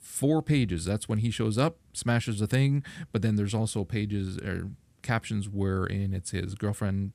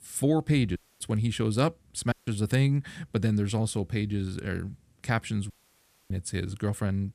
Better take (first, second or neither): first